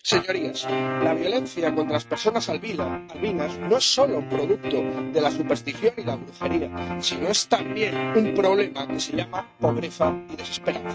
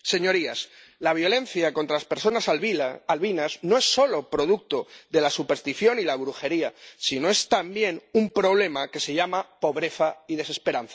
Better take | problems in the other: second | noise reduction (neural mask model RNNoise)

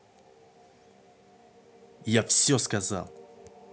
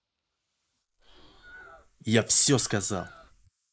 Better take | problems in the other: first | noise reduction (neural mask model Resemble Enhance denoiser)

